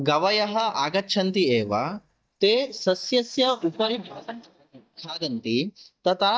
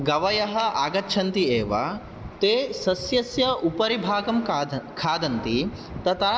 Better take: second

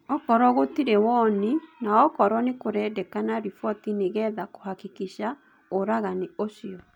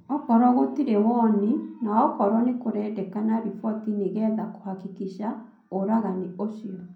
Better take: first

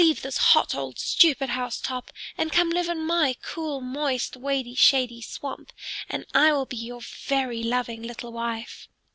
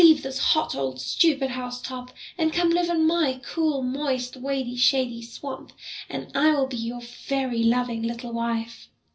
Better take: first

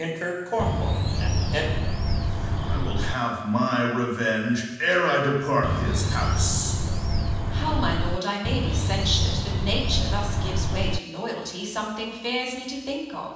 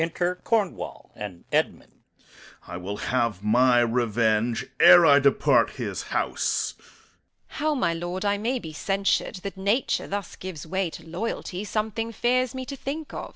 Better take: second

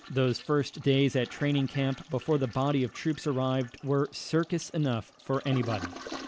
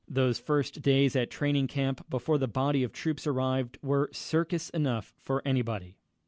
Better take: second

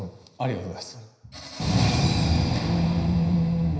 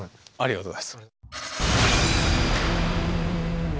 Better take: second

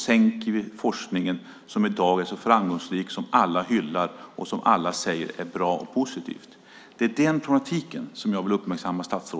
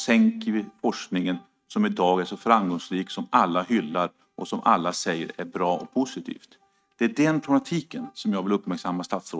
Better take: first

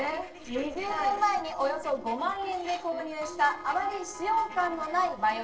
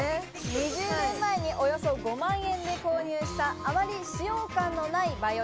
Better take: second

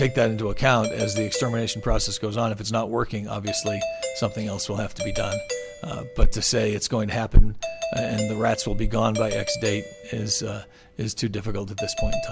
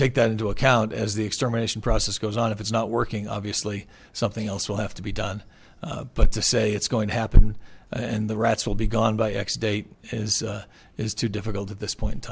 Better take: second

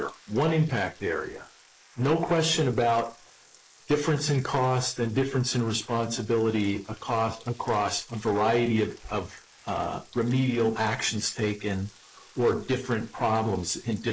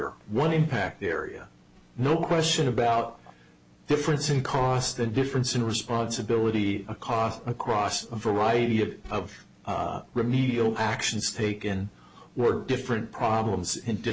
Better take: second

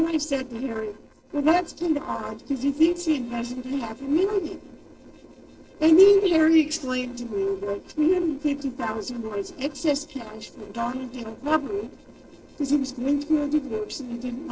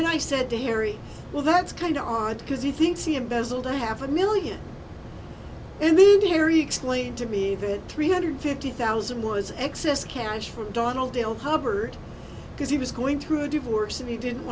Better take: second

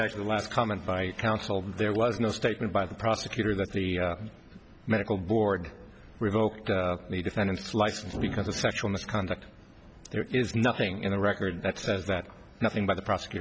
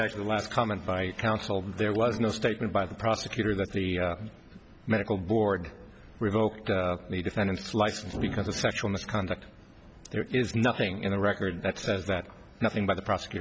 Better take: first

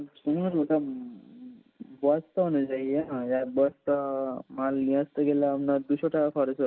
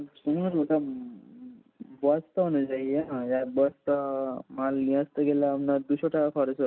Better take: second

